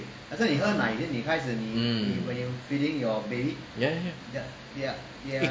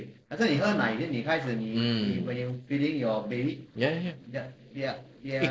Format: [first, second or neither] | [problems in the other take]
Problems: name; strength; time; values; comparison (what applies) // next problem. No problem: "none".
first | noise reduction (neural separator model SepFormer DNS4)